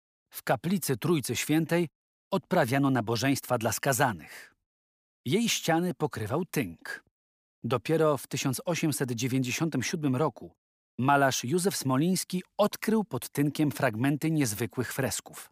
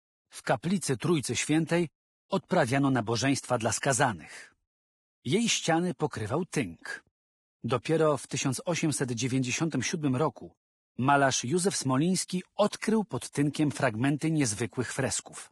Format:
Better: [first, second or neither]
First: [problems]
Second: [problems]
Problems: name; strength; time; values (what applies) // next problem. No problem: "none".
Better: first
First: none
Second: garbled, watery; badly; nothing above 10.5 kHz